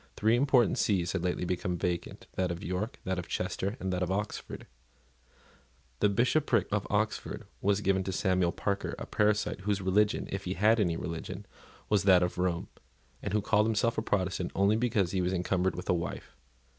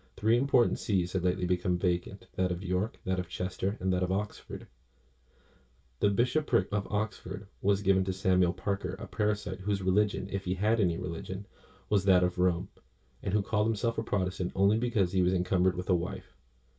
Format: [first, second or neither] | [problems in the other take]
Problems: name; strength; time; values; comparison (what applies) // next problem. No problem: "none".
first | room echo; dies away in 0.1 s